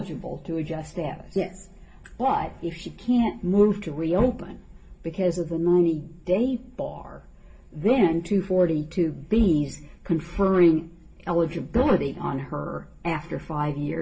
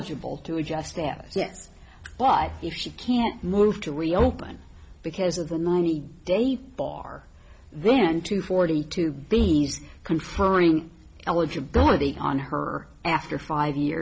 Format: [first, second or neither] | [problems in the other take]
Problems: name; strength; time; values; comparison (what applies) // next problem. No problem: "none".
second | room echo; dies away in 0.2 s